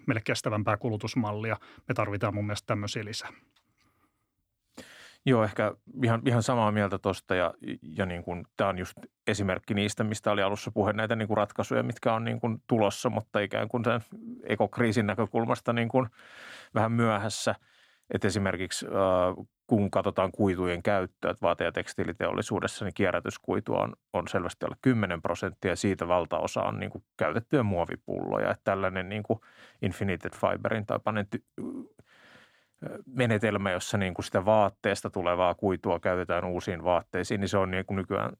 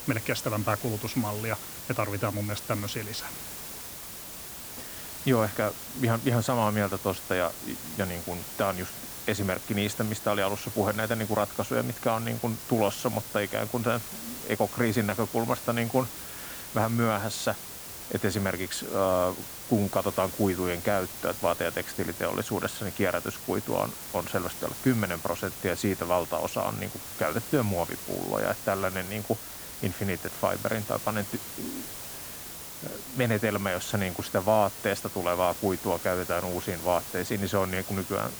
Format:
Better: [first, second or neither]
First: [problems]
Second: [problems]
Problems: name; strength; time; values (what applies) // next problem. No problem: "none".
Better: first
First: none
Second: hiss; loud; throughout; 7 dB below the speech